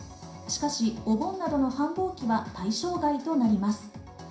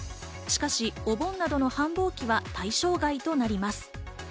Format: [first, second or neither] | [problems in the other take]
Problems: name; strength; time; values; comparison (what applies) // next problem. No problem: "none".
second | room echo; dies away in 0.5 s